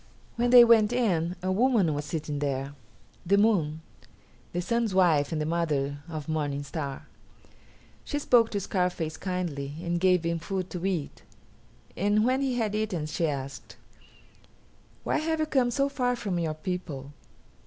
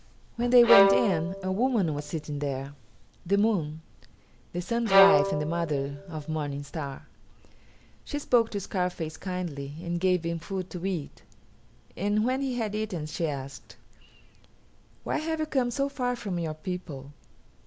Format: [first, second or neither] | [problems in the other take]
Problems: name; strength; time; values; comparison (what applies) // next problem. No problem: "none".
first | background sound (Bowed string instrument); 1 dB above the speech